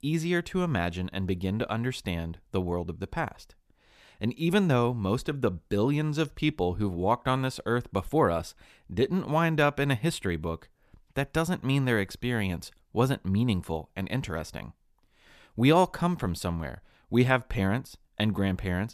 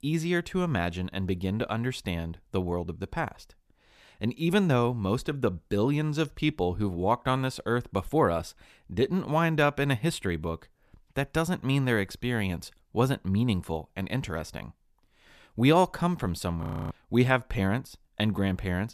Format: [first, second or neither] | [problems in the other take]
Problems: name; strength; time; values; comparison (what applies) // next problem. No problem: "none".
first | audio freezing; at 17 s